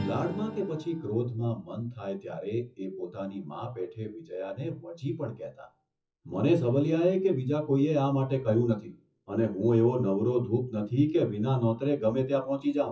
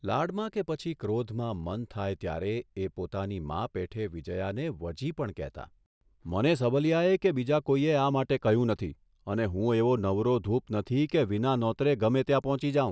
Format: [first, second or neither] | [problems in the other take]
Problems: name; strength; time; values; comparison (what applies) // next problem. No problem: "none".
second | noise reduction (classical method WPE with log-MMSE)